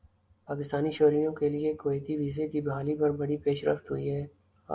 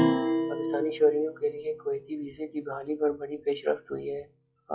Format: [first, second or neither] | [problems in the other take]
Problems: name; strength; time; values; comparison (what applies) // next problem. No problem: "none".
first | noise reduction (classical method log-MMSE)